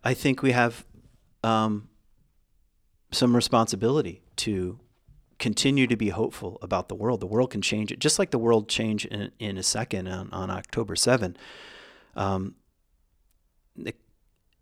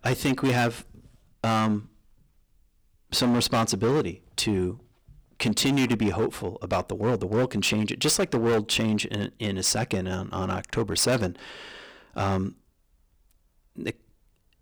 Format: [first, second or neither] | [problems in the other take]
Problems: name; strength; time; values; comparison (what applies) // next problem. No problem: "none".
first | distortion; heavy; 9% of the sound clipped